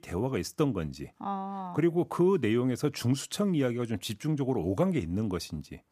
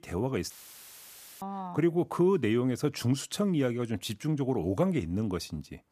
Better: first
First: none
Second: audio cutting out; filled with static; at 0.5 s for 1 s

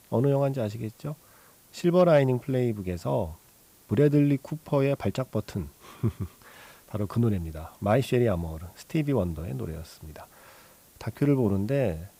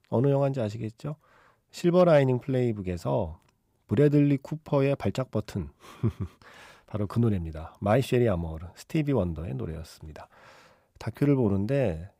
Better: second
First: hiss; faint; throughout; 30 dB below the speech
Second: none

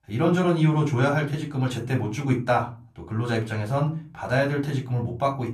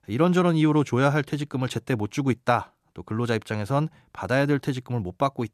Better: second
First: off-mic speech; far // room echo; very slight; dies away in 0.3 s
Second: none

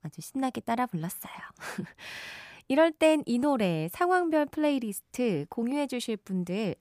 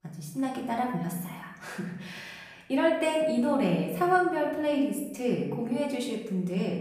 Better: first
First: none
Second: room echo; noticeable; dies away in 0.8 s // off-mic speech; far

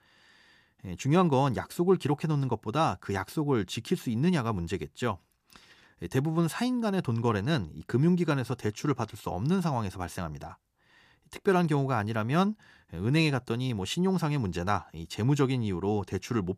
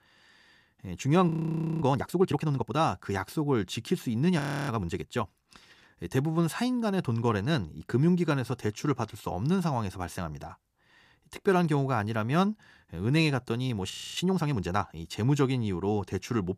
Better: first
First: none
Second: audio freezing; at 1.5 s for 0.5 s, at 4.5 s and at 14 s

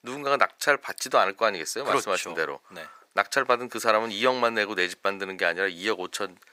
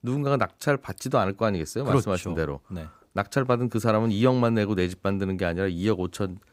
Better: second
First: thin; very; fading below 600 Hz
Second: none

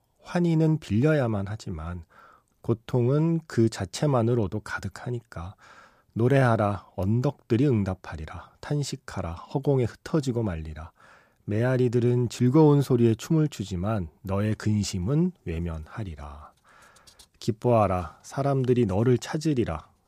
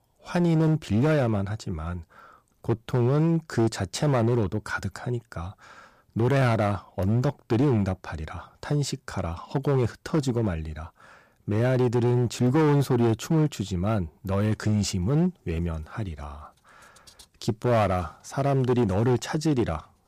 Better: first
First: none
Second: distortion; slight; 9% of the sound clipped

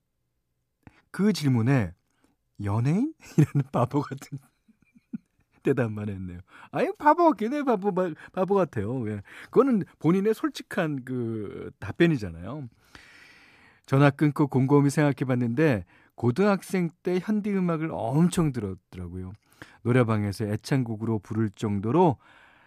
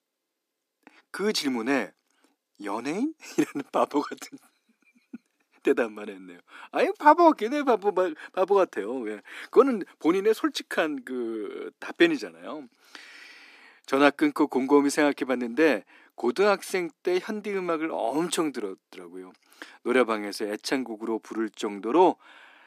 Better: first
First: none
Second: thin; somewhat; fading below 250 Hz

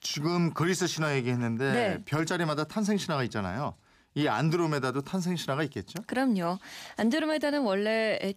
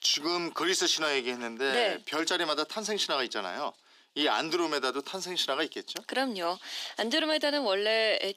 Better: first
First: none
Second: thin; somewhat; fading below 300 Hz

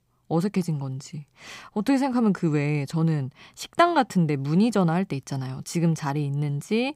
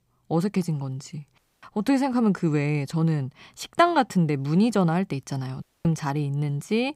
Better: first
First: none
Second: audio cutting out; at 1.5 s and at 5.5 s

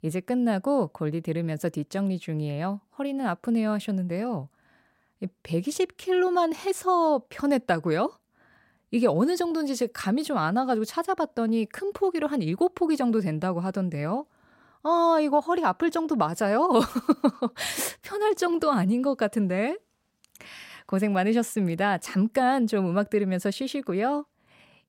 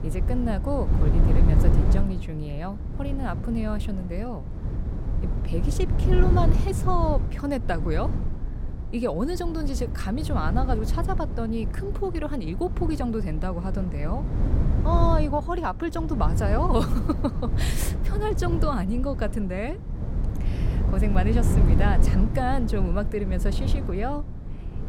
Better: first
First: none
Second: wind noise on the microphone; heavy; 8 dB below the speech

